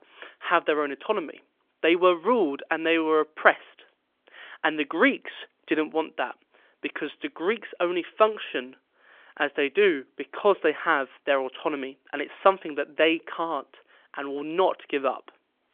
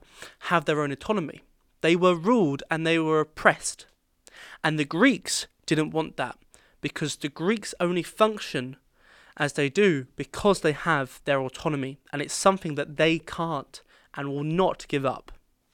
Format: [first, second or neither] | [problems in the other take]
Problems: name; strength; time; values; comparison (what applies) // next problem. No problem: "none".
second | phone-call audio; nothing above 3.5 kHz